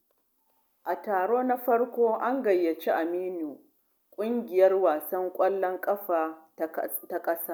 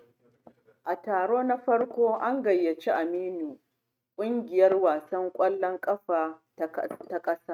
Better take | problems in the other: first | noise reduction (neural mask model RNNoise)

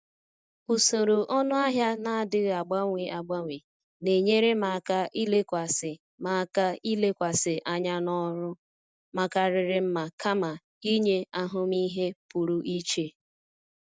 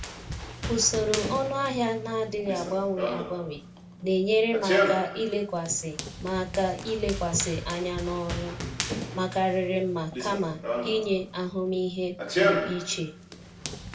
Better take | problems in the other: first | background sound (Run); 4 dB below the speech // room echo; dies away in 0.3 s

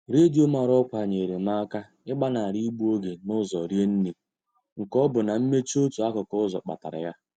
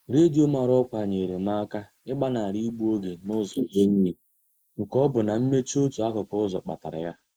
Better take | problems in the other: first | noise reduction (neural mask model Resemble Enhance denoiser)

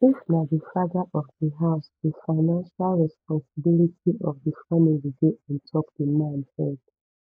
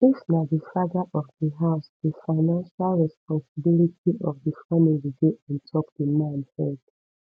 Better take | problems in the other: second | noise reduction (neural mask model Resemble Enhance denoiser)

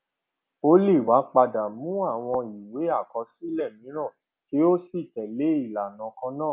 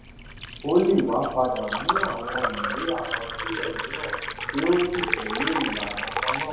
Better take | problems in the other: first | background sound (Liquid); 3 dB below the speech // room echo; dies away in 0.8 s

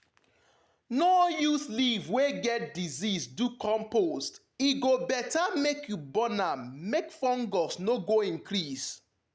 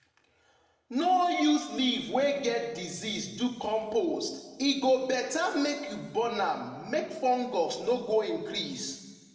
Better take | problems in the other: first | room echo; dies away in 1.4 s

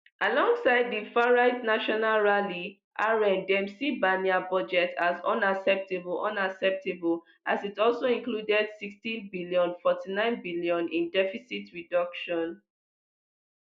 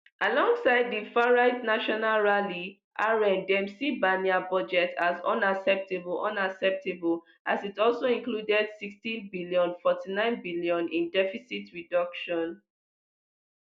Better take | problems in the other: second | noise reduction (neural mask model Resemble Enhance denoiser)

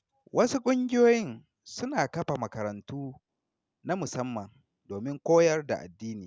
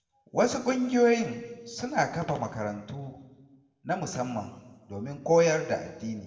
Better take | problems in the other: first | room echo; dies away in 1.1 s

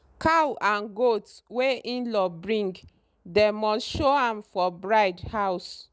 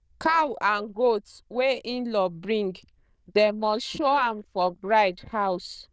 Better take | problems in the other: first | noise reduction (neural diffusion model UNIVERSE++)

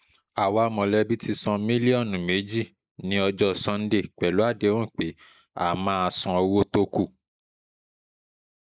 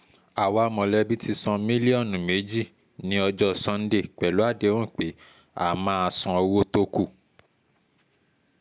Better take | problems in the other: second | noise reduction (neural mask model Resemble Enhance denoiser)

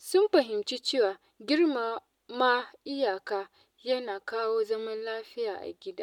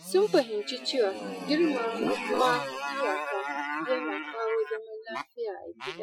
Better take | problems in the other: first | noise reduction (classical method Wiener filter)

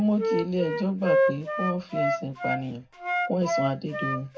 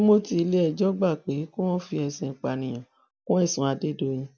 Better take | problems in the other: second | background sound (Wind instrument, woodwind instrument); 1 dB above the speech // room echo; dies away in 0.3 s

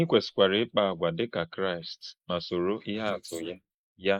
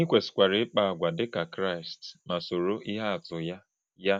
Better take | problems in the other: second | noise reduction (neural mask model Resemble Enhance denoiser)

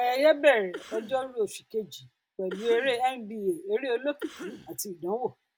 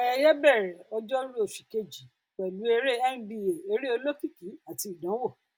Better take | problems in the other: second | background sound (Cough); 17 dB below the speech

